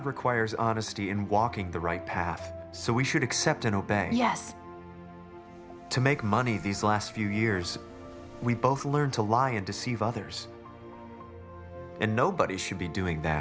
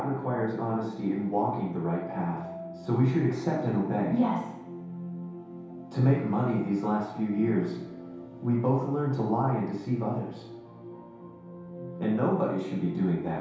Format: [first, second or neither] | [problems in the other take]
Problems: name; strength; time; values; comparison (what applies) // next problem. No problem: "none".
first | room echo; dies away in 0.8 s